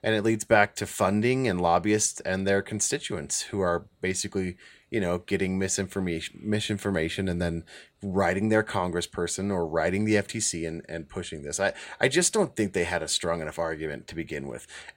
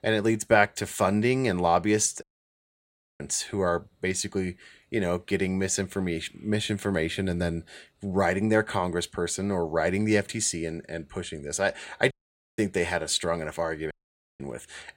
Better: first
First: none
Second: audio cutting out; at 2 s for 1 s, at 12 s and at 14 s

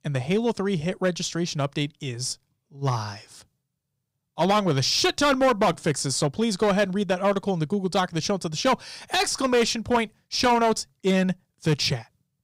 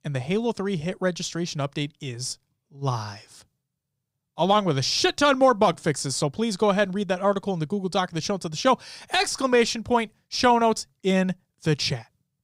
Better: second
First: distortion; slight; 5% of the sound clipped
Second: none

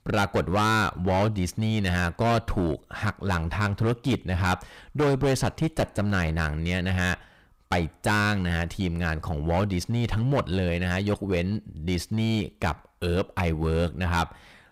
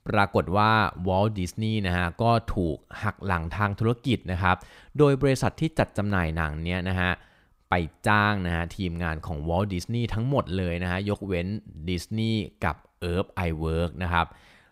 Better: second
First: distortion; heavy; 10% of the sound clipped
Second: none

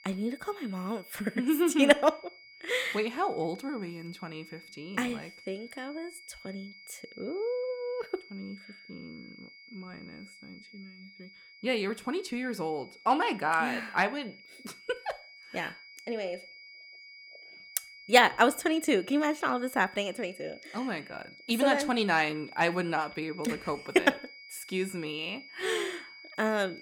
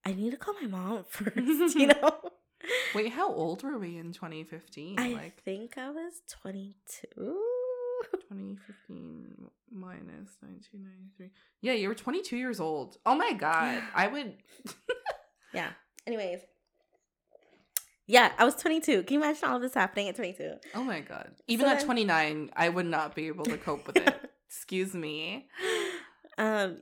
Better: second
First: high-pitched whine; noticeable; throughout; 2 kHz, 20 dB below the speech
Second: none

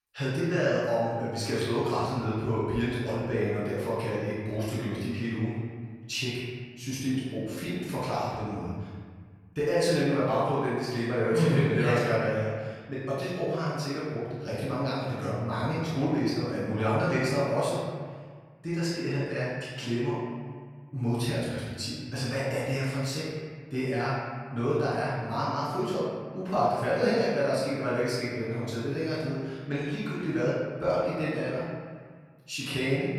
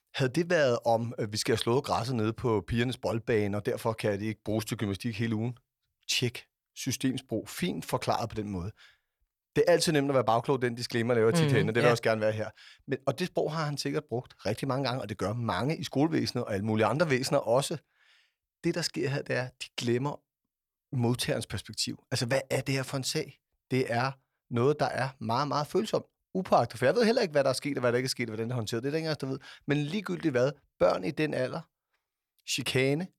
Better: second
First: off-mic speech; far // room echo; strong; dies away in 1.7 s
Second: none

